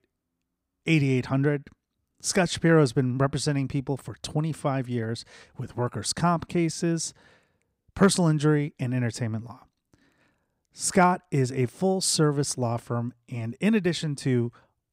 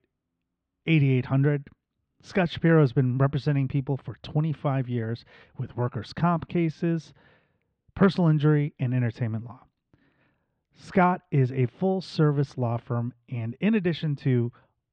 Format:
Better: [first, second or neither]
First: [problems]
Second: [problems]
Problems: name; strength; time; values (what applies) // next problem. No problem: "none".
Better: first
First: none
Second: muffled; slightly; fading above 3.5 kHz